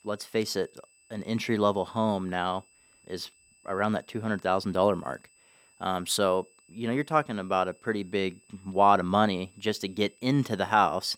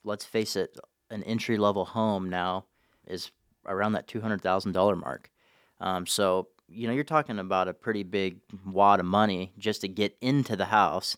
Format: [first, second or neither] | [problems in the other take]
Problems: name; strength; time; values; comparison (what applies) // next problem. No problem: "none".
second | high-pitched whine; faint; throughout; 2.5 kHz, 30 dB below the speech